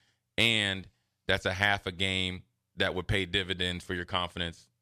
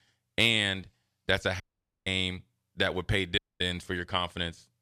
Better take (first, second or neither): first